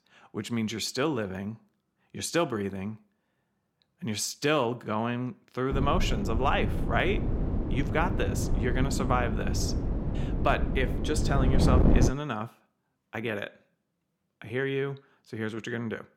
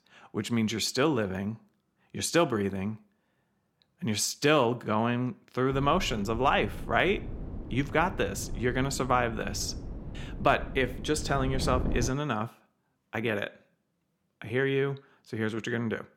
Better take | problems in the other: second | wind noise on the microphone; heavy; from 5.5 to 12 s; 6 dB below the speech; occasional gusts in the second

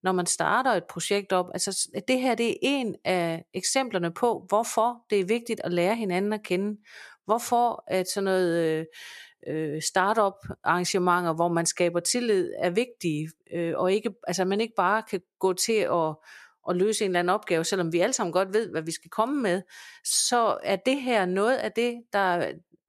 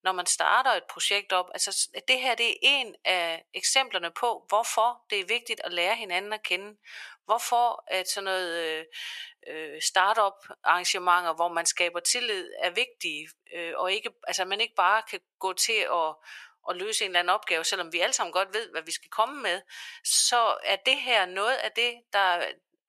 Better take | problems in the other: first | thin; very; fading below 800 Hz

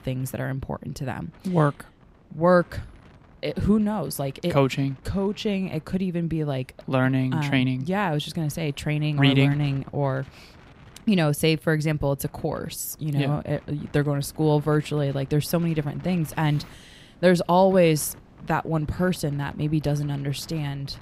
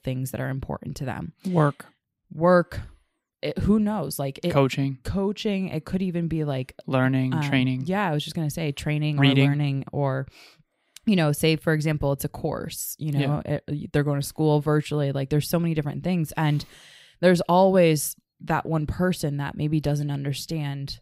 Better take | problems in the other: second | wind noise on the microphone; occasional gusts; 25 dB below the speech

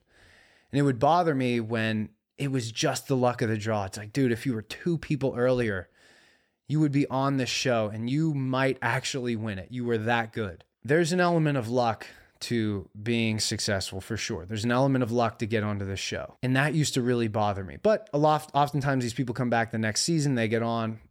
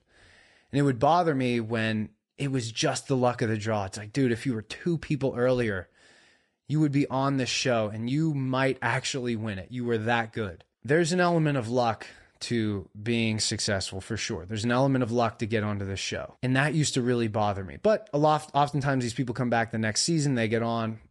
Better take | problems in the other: first | garbled, watery; slightly

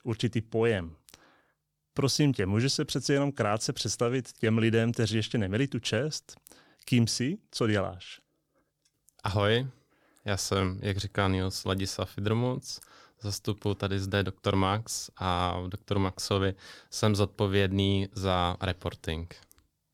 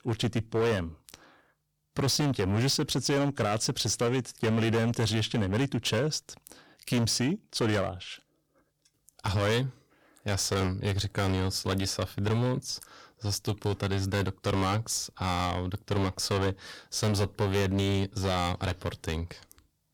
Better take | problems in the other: first | distortion; heavy; 12% of the sound clipped

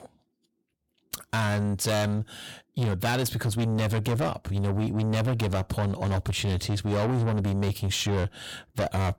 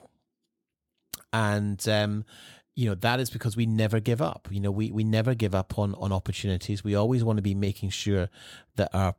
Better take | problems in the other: second | distortion; heavy; 7 dB below the speech

